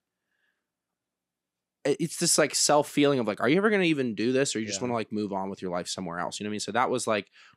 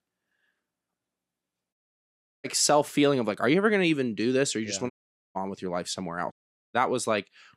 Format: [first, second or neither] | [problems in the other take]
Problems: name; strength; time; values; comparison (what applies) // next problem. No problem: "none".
first | audio cutting out; at 1.5 s for 0.5 s, at 5 s and at 6.5 s